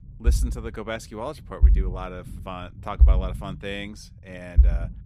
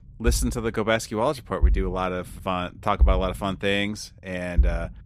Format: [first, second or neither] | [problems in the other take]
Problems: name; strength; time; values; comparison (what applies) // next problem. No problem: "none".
second | low rumble; loud; throughout; 9 dB below the speech; faint in the second